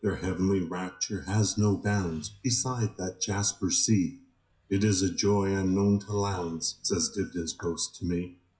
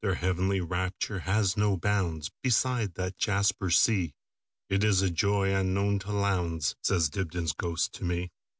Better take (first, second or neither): second